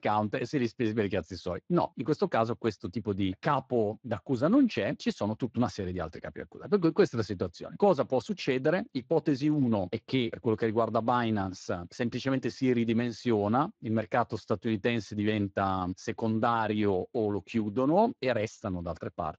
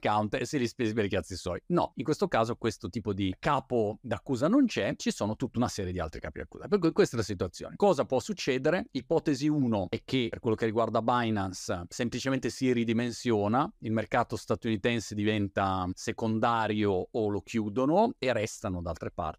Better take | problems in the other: second | garbled, watery; slightly

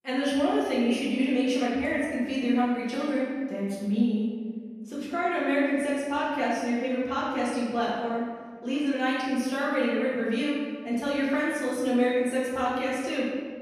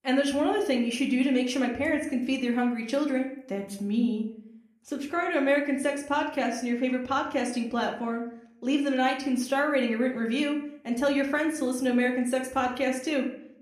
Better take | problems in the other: second | room echo; strong; dies away in 1.6 s; slight in the second // off-mic speech; far; somewhat distant in the second

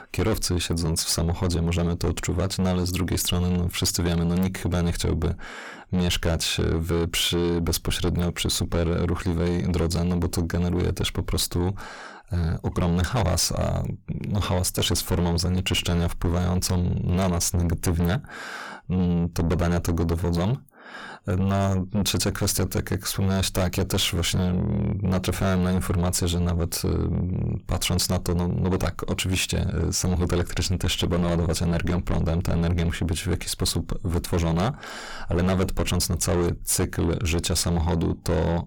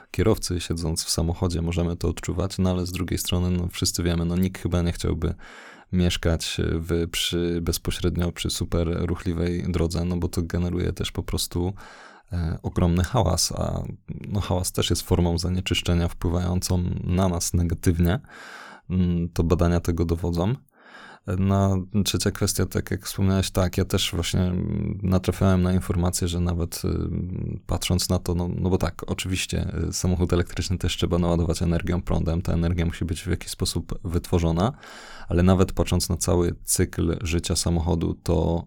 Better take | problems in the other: second | distortion; heavy; 7 dB below the speech

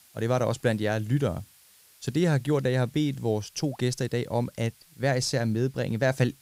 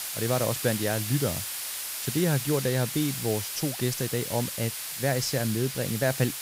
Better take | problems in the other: first | hiss; loud; throughout; 3 dB below the speech; faint in the first

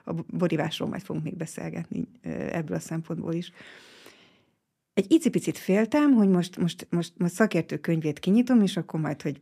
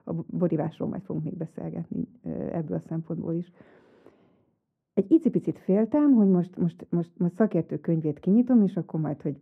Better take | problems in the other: first | muffled; very; fading above 1.5 kHz

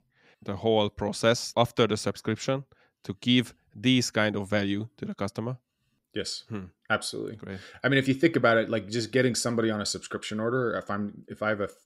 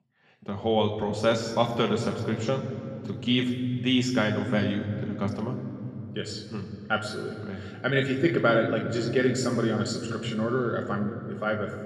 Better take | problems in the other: first | room echo; noticeable; dies away in 3 s // off-mic speech; somewhat distant

